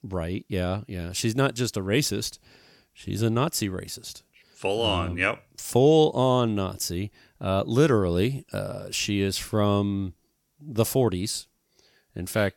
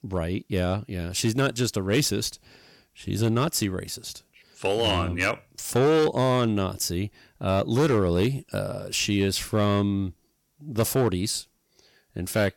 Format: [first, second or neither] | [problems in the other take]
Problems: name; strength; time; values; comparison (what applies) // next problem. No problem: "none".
first | distortion; slight; 4% of the sound clipped